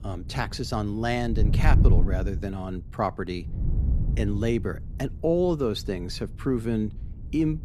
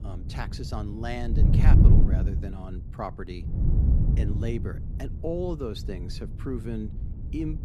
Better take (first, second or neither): first